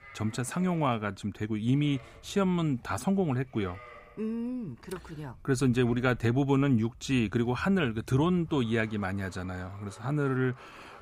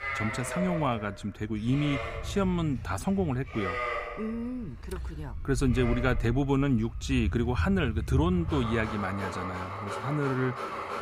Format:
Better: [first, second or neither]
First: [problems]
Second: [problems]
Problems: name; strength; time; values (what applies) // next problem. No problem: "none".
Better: first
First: animal sounds; faint; throughout; 25 dB below the speech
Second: animal sounds; loud; throughout; 6 dB below the speech